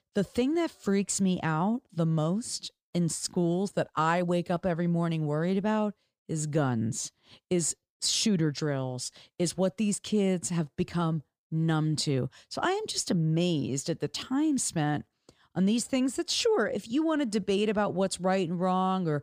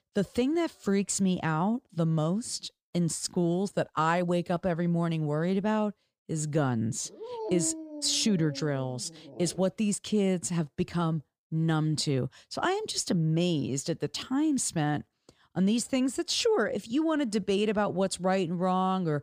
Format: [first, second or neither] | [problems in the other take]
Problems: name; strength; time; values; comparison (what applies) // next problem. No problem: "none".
first | dog barking; noticeable; from 7 to 9.5 s; peak 5 dB below the speech